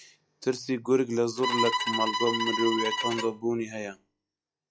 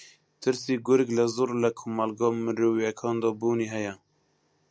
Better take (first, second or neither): second